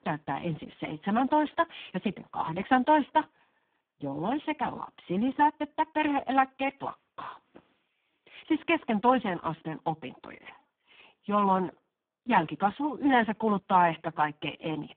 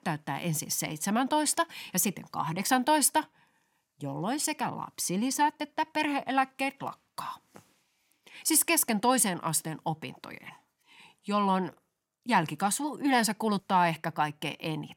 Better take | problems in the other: second | phone-call audio; poor line

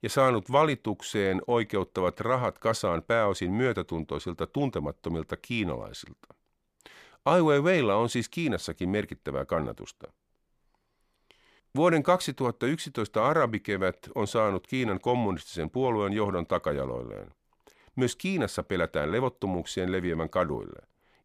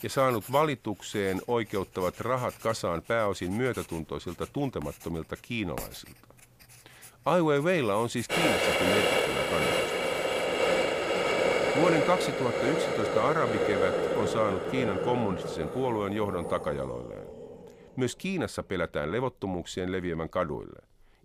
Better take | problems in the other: first | household noises; very loud; throughout; 2 dB above the speech

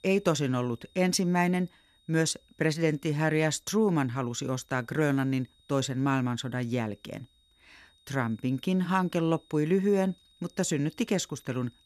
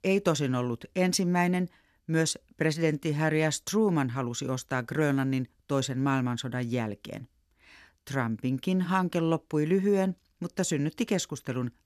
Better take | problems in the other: second | high-pitched whine; faint; throughout; 3.5 kHz, 35 dB below the speech

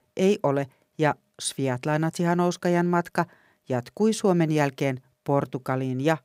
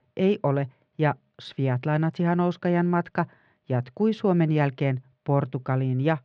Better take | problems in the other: first | muffled; slightly; fading above 3.5 kHz

